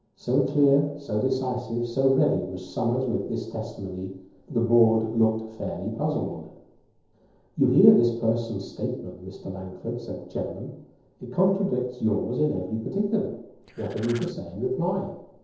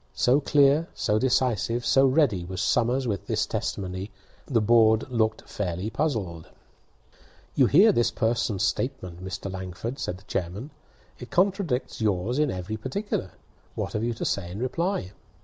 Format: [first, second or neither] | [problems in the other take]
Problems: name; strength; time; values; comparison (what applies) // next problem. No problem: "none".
second | noise reduction (neural separator model SepFormer DNS4)